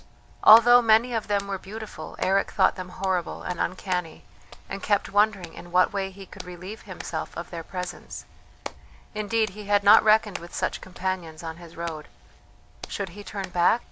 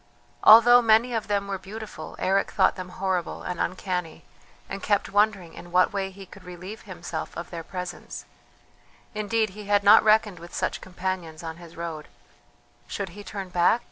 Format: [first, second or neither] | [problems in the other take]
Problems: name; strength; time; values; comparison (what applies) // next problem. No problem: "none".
second | background sound (Hands); 18 dB below the speech